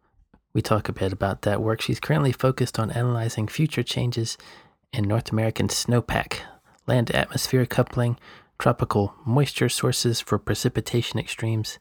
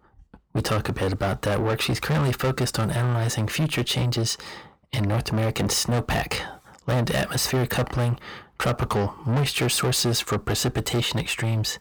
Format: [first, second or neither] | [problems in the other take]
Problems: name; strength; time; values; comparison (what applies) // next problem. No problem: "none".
first | distortion; heavy; 6 dB below the speech